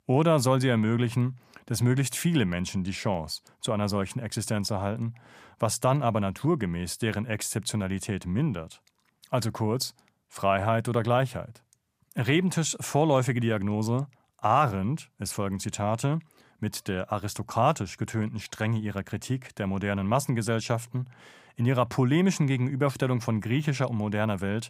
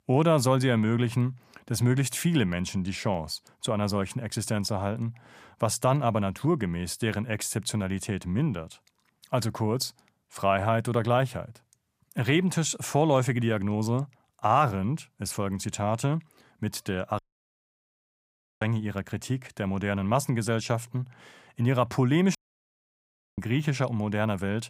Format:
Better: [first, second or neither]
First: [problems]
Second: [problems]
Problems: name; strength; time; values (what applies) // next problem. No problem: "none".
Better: first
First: none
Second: audio cutting out; at 17 s for 1.5 s and at 22 s for 1 s